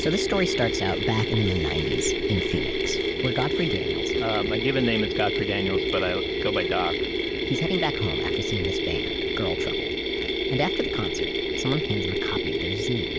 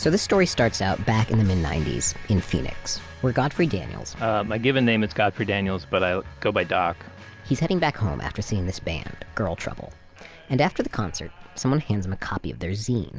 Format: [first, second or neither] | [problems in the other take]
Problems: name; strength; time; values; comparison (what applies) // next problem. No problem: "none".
second | background sound (Mechanisms); 2 dB above the speech